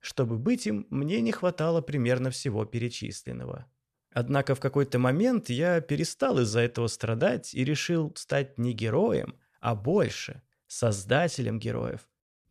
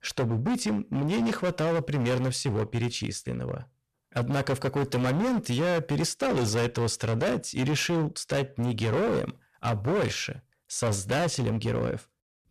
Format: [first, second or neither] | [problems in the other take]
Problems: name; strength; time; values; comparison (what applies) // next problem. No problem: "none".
first | distortion; heavy; 22% of the sound clipped